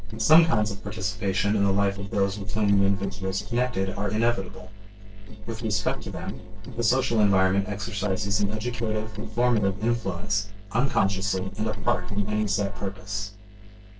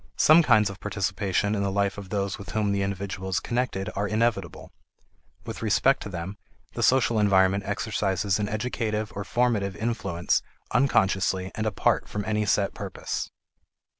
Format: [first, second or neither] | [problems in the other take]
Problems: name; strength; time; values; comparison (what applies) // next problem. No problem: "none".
second | noise reduction (neural separator model SepFormer DNS4)